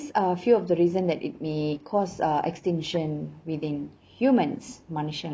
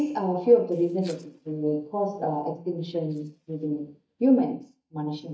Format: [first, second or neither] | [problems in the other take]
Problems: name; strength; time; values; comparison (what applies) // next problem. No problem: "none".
first | noise reduction (neural mask model DeepFilterNet 3)